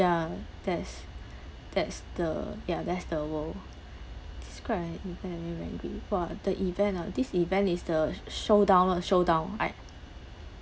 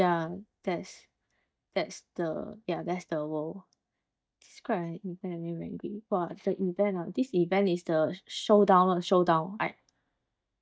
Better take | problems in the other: first | noise reduction (neural mask model DeepFilterNet 3)

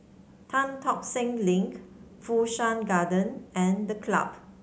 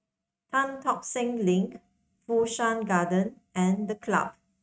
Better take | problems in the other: first | noise reduction (neural mask model RNNoise)

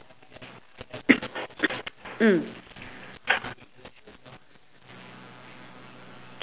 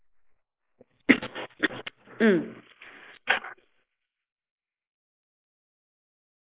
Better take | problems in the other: first | noise reduction (neural mask model Resemble Enhance denoiser)

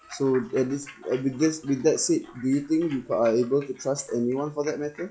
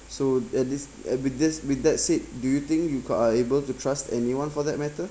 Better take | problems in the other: second | noise reduction (classical method log-MMSE)

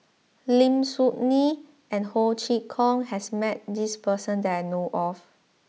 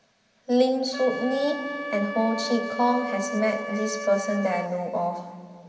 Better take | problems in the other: first | background sound (Wind instrument, woodwind instrument); 9 dB below the speech // room echo; dies away in 2.6 s

